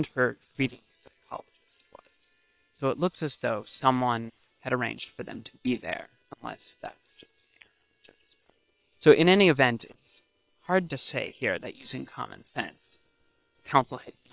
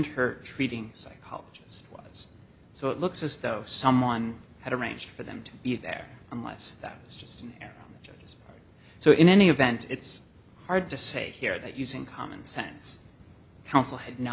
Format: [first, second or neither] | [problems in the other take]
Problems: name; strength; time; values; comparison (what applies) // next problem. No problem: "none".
second | noise reduction (neural separator model SepFormer WHAM!)